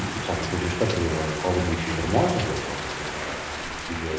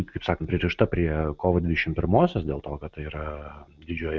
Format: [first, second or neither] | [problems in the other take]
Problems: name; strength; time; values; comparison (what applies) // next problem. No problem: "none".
second | background sound (Rain); 5 dB below the speech // room echo; dies away in 1 s